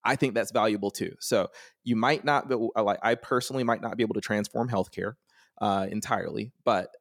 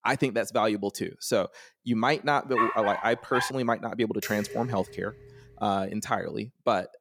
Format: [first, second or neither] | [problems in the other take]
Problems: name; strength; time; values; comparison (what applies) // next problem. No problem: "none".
first | dog barking; loud; at 2.5 s; peak level with the speech // clattering dishes; noticeable; from 4 to 5.5 s; peak 10 dB below the speech